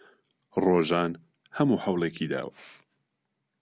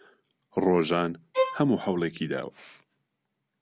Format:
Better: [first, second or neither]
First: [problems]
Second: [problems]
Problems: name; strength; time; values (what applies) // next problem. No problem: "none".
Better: first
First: none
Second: background sound (Bowed string instrument); 3 dB below the speech